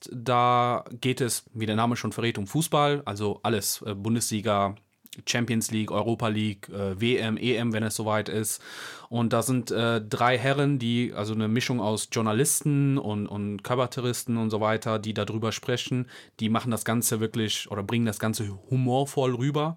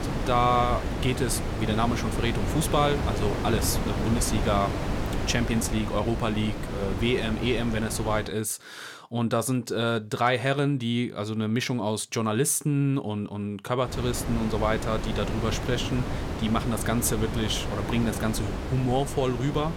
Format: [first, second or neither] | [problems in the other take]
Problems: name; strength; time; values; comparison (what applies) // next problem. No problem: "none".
first | wind noise on the microphone; heavy; until 8.5 s and from 14 s on; 6 dB below the speech